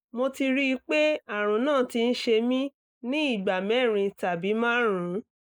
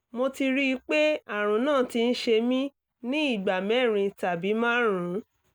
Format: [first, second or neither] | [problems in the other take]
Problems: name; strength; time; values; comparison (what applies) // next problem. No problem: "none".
second | noise reduction (neural mask model Resemble Enhance denoiser)